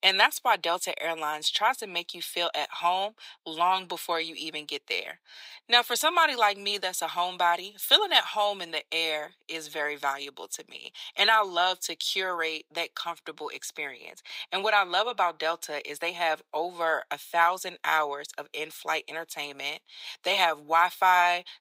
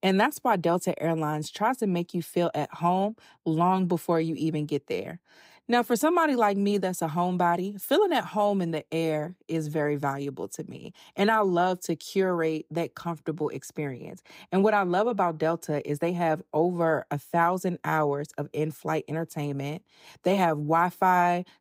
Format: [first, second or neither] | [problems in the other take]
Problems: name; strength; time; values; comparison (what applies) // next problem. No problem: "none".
second | thin; very; fading below 900 Hz